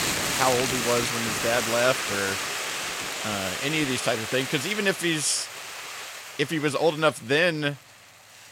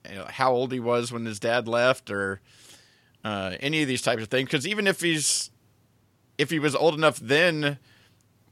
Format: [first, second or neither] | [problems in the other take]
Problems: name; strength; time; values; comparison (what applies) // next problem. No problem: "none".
second | hiss; loud; throughout; 3 dB below the speech